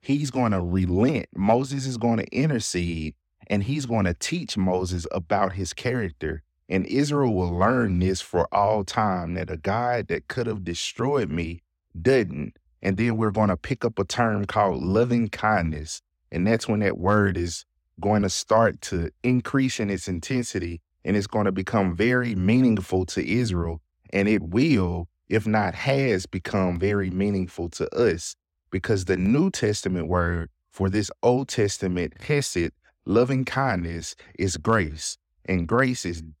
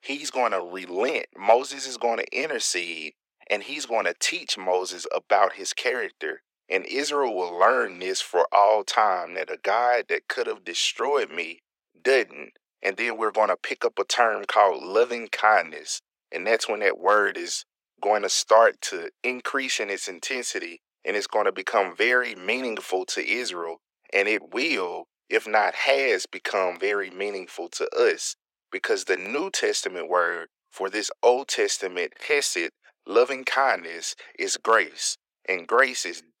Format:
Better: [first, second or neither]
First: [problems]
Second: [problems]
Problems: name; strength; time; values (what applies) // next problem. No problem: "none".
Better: first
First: none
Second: thin; very; fading below 450 Hz